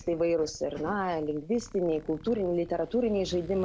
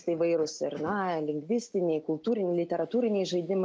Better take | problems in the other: second | background sound (Zipper (clothing)); 19 dB below the speech

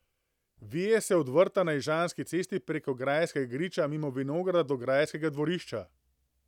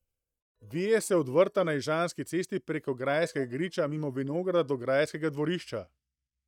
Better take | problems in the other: first | noise reduction (neural mask model DeepFilterNet 3)

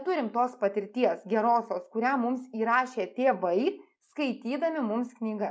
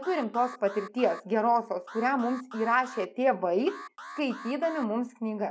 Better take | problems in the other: first | background sound (Alarm); 17 dB below the speech

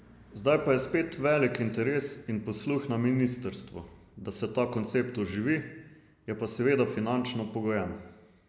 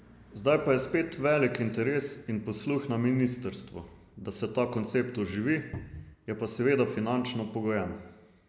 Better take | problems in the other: first | background sound (Cupboard open or close); 11 dB below the speech

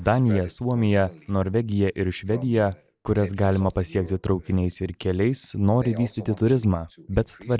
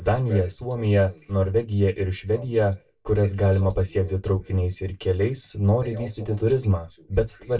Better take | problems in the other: first | room echo; dies away in 0.1 s

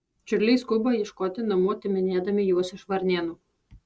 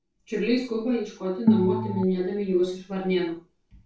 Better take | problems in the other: first | background sound (Organ); 1 dB above the speech // room echo; dies away in 0.3 s

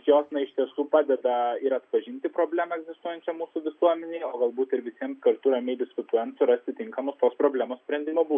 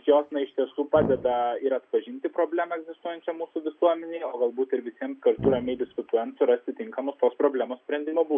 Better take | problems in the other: first | background sound (Brass instrument); 8 dB below the speech

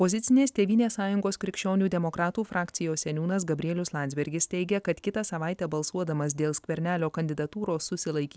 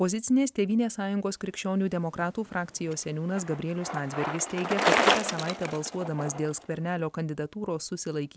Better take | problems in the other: first | background sound (Bicycle); 4 dB below the speech

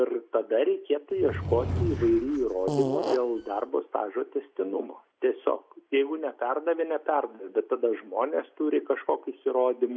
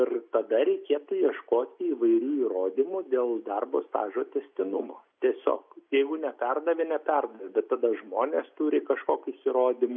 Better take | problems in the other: second | background sound (Fart / Drawer open or close); 4 dB below the speech

